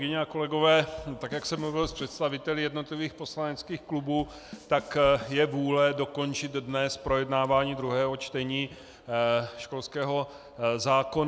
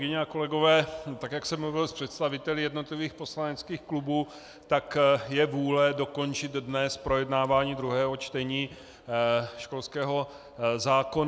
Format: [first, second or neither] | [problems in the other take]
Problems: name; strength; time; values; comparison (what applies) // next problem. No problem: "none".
second | background sound (Bass drum / Snare drum / Drum kit); 19 dB below the speech